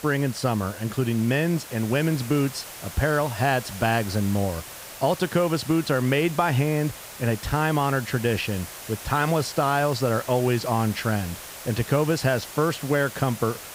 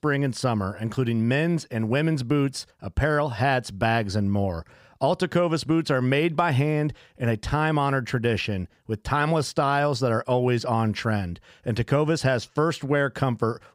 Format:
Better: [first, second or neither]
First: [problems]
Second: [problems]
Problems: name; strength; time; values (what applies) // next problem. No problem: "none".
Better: second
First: hiss; noticeable; throughout; 15 dB below the speech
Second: none